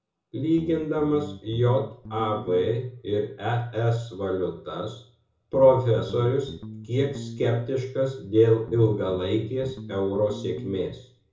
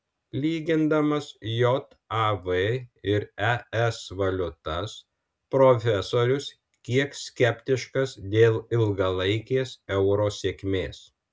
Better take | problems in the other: second | background sound (Guitar); 13 dB below the speech // room echo; dies away in 0.6 s

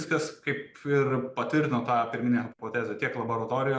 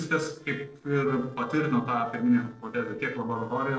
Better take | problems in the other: first | noise reduction (neural separator model SepFormer DNS4)

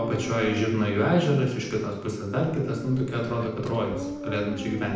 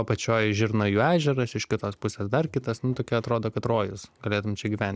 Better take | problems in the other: second | background sound (Dog); 11 dB below the speech // room echo; dies away in 0.9 s

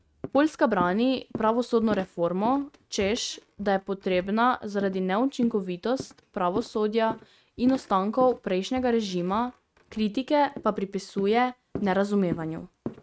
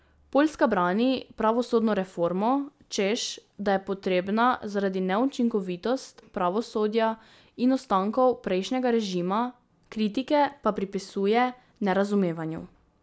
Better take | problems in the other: second | noise reduction (neural mask model RNNoise)

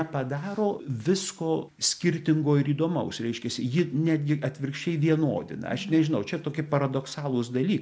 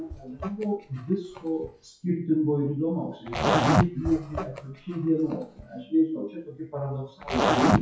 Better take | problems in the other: first | noise reduction (classical method WPE with log-MMSE)

